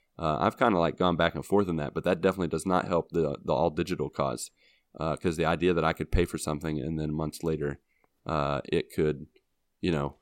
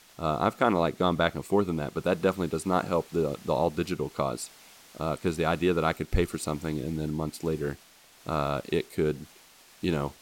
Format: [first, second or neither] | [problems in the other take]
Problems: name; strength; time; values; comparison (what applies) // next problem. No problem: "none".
first | hiss; faint; throughout; 25 dB below the speech